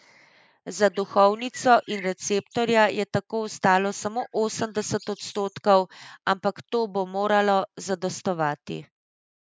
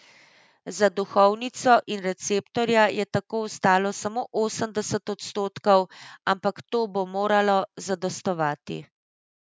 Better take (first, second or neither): second